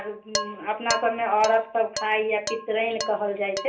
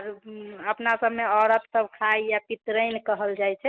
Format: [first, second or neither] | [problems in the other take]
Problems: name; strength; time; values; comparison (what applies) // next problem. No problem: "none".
second | background sound (Dishes, pots, and pans); 9 dB below the speech // room echo; dies away in 0.3 s